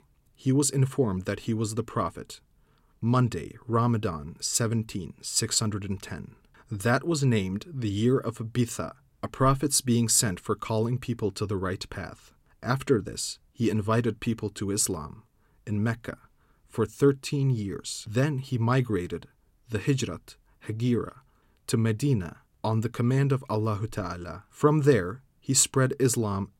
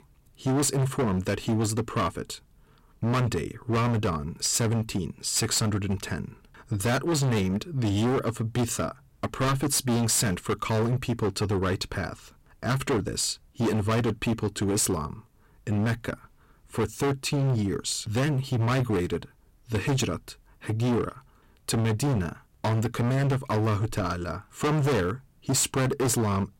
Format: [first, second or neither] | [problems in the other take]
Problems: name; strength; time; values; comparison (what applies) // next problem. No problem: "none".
first | distortion; heavy; 20% of the sound clipped